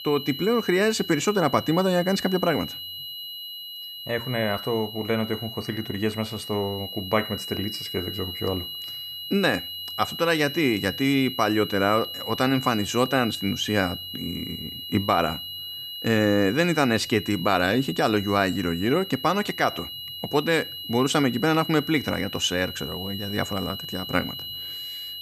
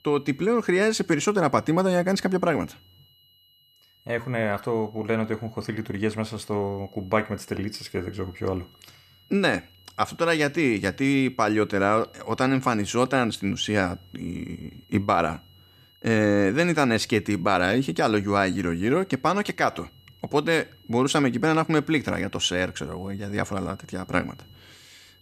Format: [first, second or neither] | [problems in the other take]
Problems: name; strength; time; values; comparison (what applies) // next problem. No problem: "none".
second | high-pitched whine; loud; throughout; 3 kHz, 8 dB below the speech; faint in the second